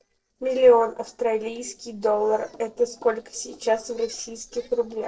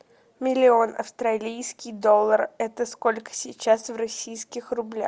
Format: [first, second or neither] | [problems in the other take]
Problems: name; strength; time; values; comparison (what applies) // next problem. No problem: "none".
second | noise reduction (neural separator model SepFormer DNS4)